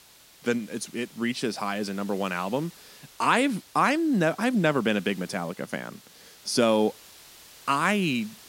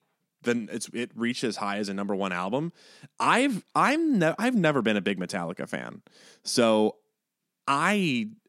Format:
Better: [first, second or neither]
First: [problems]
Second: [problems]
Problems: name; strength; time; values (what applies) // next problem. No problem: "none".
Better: second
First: hiss; faint; throughout; 20 dB below the speech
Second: none